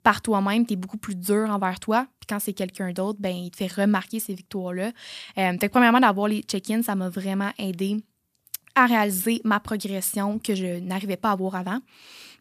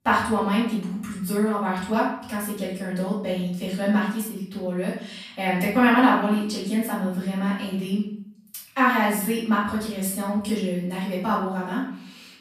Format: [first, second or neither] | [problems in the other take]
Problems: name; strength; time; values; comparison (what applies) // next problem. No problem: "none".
first | off-mic speech; far // room echo; noticeable; dies away in 0.6 s